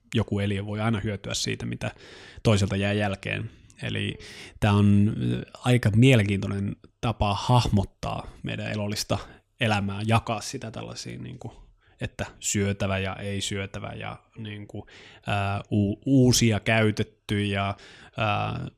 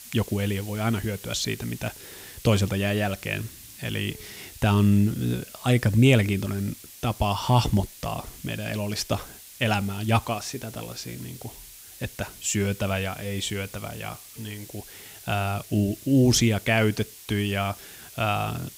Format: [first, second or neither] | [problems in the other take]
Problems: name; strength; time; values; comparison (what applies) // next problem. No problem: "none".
first | hiss; noticeable; throughout; 15 dB below the speech